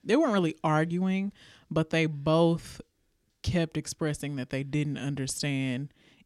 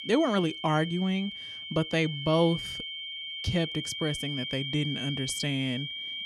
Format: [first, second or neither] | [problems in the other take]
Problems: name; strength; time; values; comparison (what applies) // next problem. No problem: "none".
first | high-pitched whine; loud; throughout; 3 kHz, 5 dB below the speech